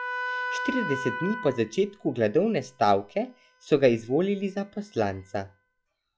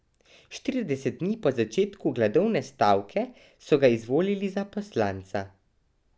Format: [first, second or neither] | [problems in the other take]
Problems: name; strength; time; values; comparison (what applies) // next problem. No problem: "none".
second | noise reduction (classical method log-MMSE)